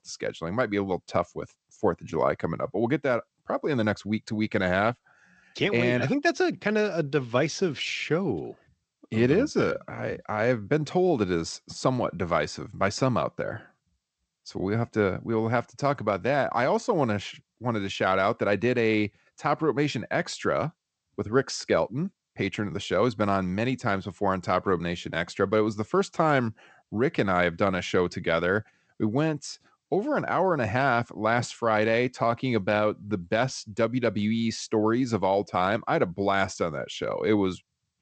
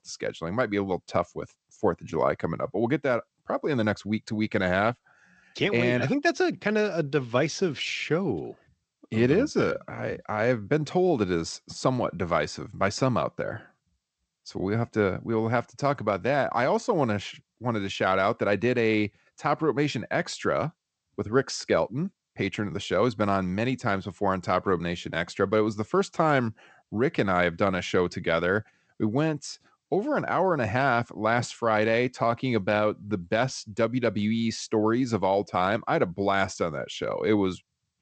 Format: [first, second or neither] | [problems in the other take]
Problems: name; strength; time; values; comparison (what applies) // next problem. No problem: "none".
neither | garbled, watery; slightly; nothing above 8 kHz; the same in both